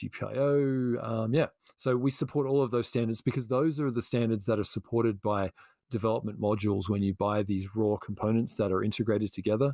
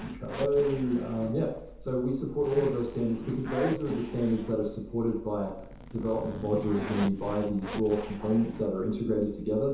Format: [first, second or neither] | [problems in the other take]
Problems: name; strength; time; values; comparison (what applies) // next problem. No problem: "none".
first | background sound (Zipper (clothing)); 12 dB below the speech // room echo; dies away in 0.8 s